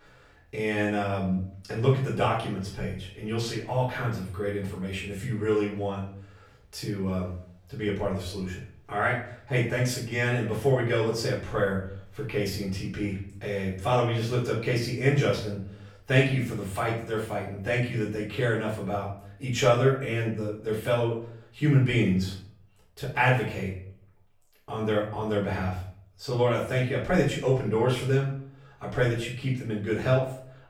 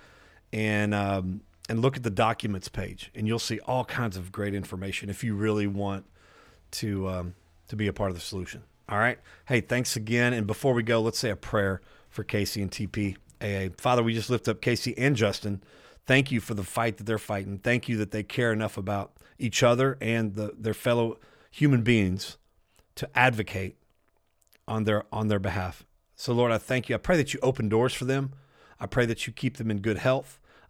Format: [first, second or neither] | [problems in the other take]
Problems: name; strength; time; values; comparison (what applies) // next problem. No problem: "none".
second | off-mic speech; far // room echo; noticeable; dies away in 0.5 s